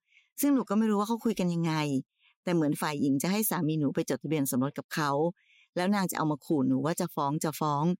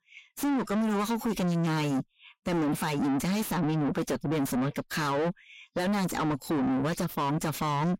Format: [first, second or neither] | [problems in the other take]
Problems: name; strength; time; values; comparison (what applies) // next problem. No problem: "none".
first | distortion; heavy; 6 dB below the speech